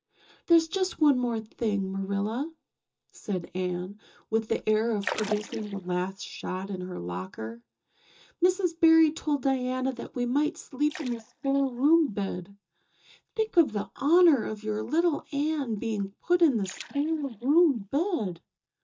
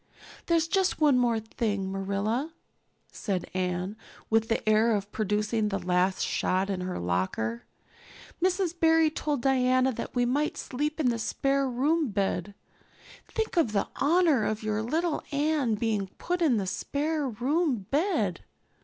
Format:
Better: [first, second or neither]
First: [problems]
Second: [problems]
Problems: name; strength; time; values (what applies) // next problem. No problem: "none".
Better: second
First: noise reduction (neural mask model DeepFilterNet 3)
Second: none